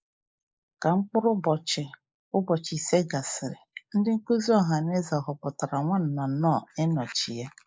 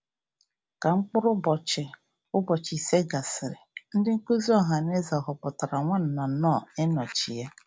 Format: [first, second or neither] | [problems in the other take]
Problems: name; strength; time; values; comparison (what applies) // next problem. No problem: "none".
second | noise reduction (neural mask model Resemble Enhance denoiser)